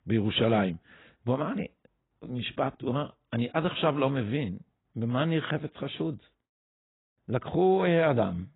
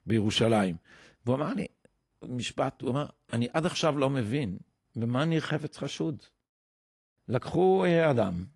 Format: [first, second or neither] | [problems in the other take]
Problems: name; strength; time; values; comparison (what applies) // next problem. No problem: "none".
second | garbled, watery; badly; nothing above 3.5 kHz; slightly in the second